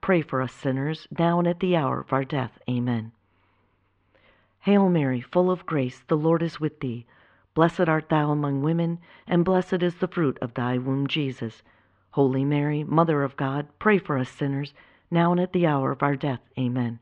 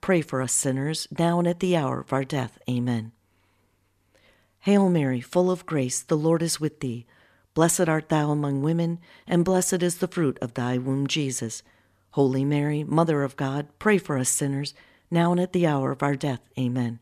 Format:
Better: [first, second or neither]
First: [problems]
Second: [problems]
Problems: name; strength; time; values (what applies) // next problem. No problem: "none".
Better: second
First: muffled; very; fading above 3 kHz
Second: none